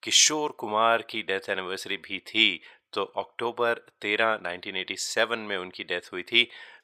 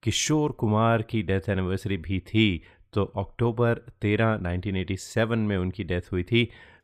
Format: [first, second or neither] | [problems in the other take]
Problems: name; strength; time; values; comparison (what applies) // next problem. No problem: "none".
second | thin; very; fading below 600 Hz